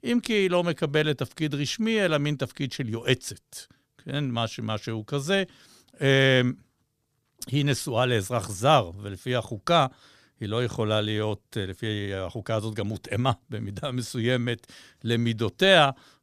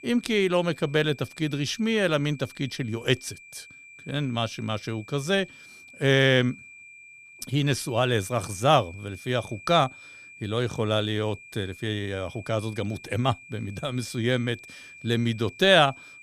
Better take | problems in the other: first | high-pitched whine; noticeable; throughout; 2.5 kHz, 20 dB below the speech

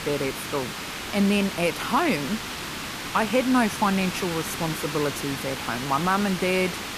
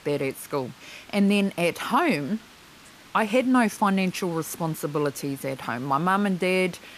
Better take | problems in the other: second | hiss; loud; throughout; 6 dB below the speech; faint in the second

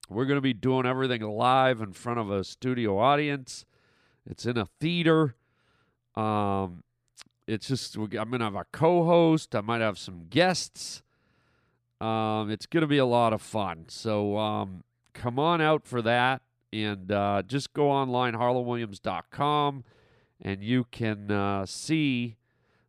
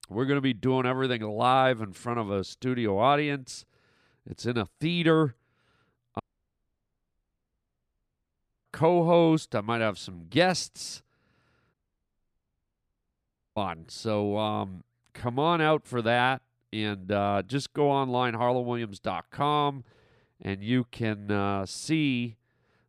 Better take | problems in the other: first | audio cutting out; at 6 s for 2.5 s and at 12 s for 2 s

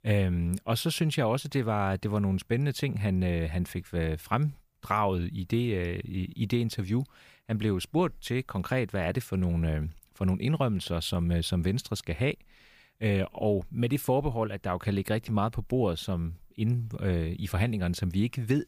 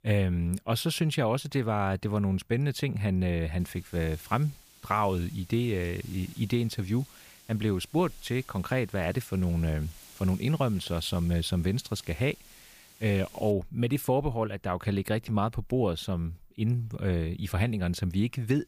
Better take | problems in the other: first | hiss; faint; from 3.5 to 14 s; 20 dB below the speech

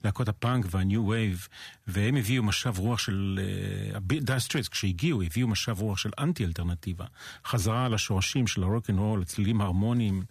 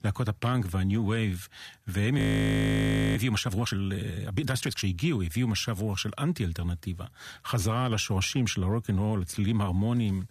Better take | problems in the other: first | audio freezing; at 2 s for 1 s

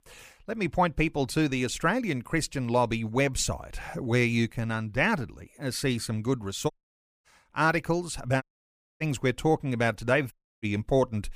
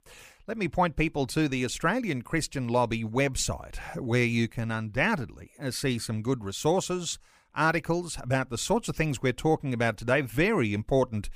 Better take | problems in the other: second | audio cutting out; at 6.5 s for 0.5 s, at 8.5 s for 0.5 s and at 10 s

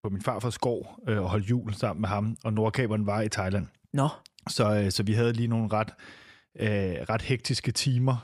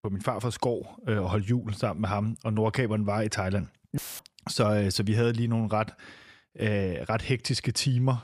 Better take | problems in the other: first | audio cutting out; filled with static; at 4 s

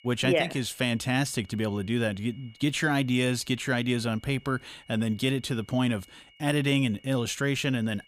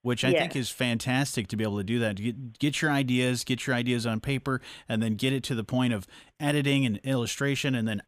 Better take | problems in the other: second | high-pitched whine; faint; throughout; 3 kHz, 25 dB below the speech

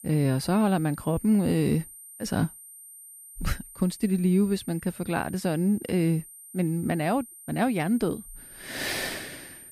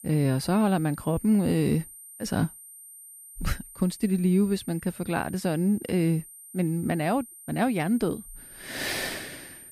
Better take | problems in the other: neither | high-pitched whine; noticeable; throughout; 9 kHz, 15 dB below the speech; the same in both

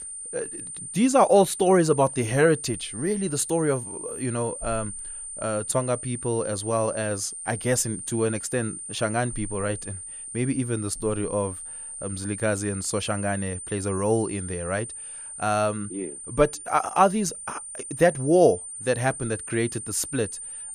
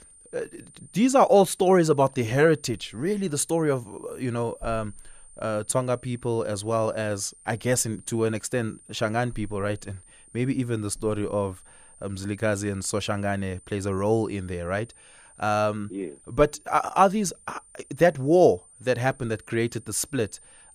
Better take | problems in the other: second | high-pitched whine; loud; throughout; 9 kHz, 9 dB below the speech; faint in the second

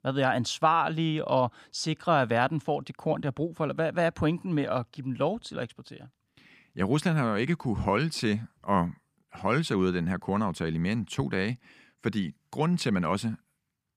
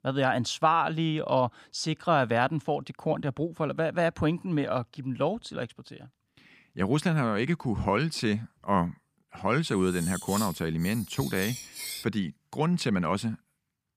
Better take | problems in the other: first | clattering dishes; noticeable; from 9.5 to 12 s; peak 6 dB below the speech

